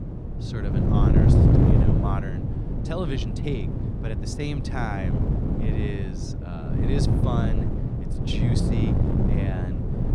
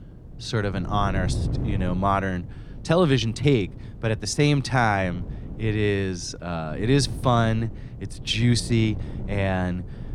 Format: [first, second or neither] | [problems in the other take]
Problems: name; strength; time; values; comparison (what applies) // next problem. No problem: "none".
second | wind noise on the microphone; heavy; 3 dB above the speech; occasional gusts in the second